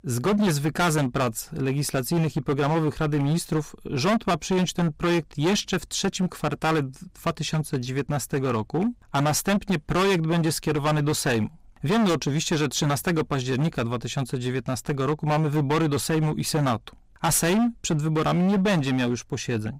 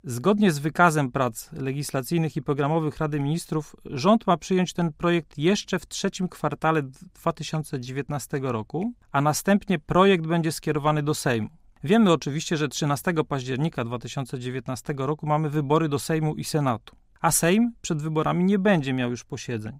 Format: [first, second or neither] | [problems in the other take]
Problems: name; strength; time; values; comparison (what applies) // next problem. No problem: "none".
second | distortion; heavy; 16% of the sound clipped